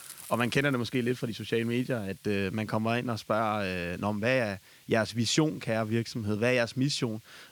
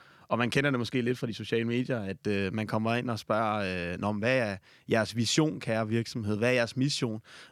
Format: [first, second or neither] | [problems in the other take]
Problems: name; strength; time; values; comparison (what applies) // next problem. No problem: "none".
second | hiss; faint; throughout; 25 dB below the speech